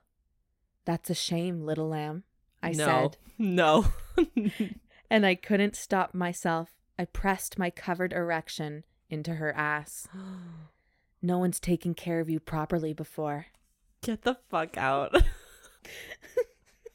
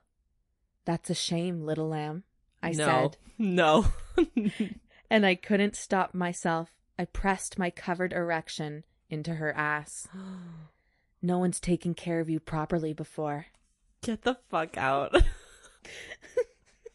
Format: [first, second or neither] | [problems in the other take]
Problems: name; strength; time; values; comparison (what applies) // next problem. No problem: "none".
first | garbled, watery; slightly; nothing above 11 kHz